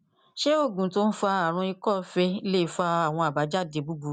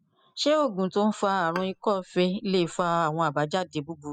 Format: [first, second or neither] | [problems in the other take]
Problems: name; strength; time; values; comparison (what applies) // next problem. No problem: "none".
first | noise reduction (classical method spectral subtraction)